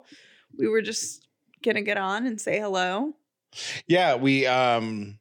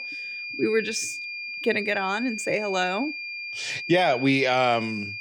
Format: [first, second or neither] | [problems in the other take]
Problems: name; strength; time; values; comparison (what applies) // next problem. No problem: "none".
first | high-pitched whine; loud; throughout; 2.5 kHz, 7 dB below the speech